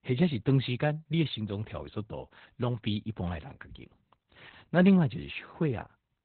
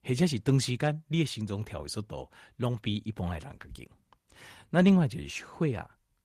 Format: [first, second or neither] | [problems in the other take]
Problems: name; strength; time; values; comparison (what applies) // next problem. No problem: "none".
second | garbled, watery; badly; nothing above 4 kHz; slightly in the second